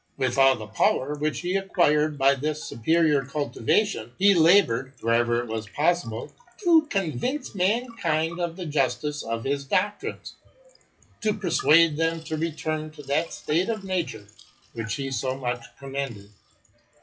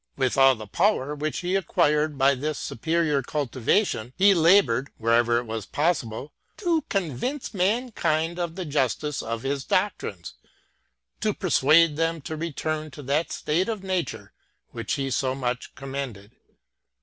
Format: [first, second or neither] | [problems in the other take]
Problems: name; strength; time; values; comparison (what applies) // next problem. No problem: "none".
second | noise reduction (classical method WPE with log-MMSE)